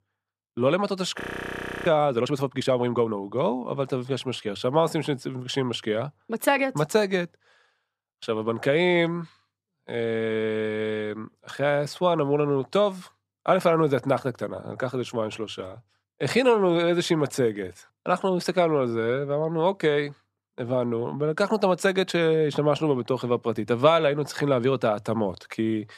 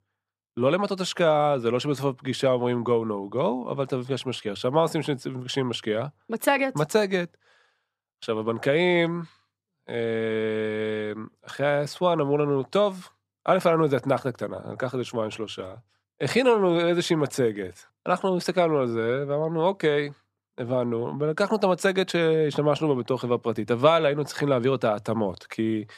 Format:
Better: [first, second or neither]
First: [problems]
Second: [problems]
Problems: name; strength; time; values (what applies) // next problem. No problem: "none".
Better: second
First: audio freezing; at 1 s for 0.5 s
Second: none